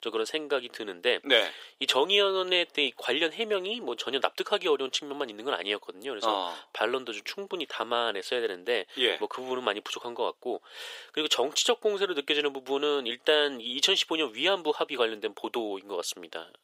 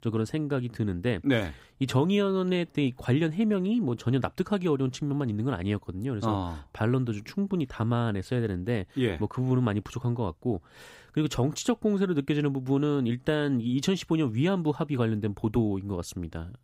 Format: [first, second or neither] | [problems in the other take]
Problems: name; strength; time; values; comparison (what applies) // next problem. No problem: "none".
second | thin; very; fading below 450 Hz